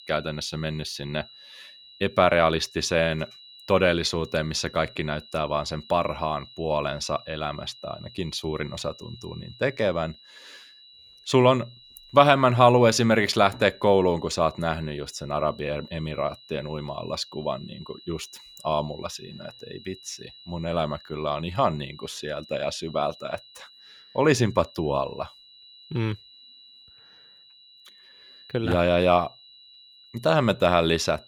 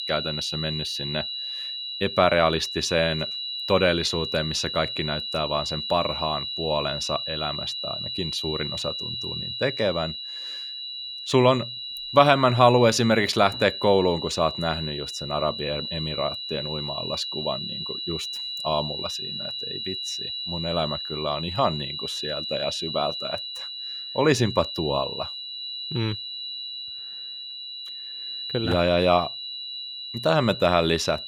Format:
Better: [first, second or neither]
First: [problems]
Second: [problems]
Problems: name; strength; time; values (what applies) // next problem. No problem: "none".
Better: first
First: high-pitched whine; faint; throughout; 4 kHz, 20 dB below the speech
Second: high-pitched whine; loud; throughout; 4 kHz, 5 dB below the speech